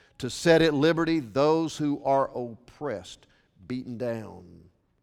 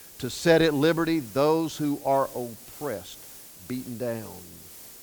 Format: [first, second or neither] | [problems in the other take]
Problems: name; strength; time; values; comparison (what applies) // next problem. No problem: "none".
first | hiss; noticeable; throughout; 15 dB below the speech